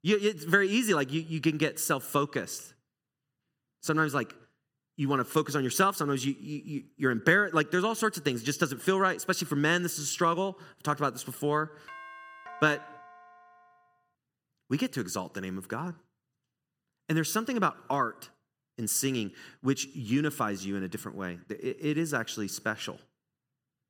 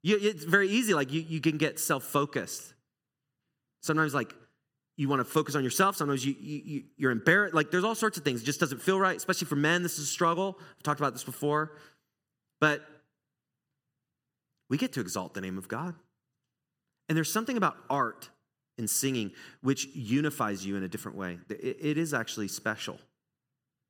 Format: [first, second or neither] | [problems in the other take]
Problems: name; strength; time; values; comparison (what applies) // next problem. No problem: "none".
second | doorbell; faint; from 12 to 14 s; peak 15 dB below the speech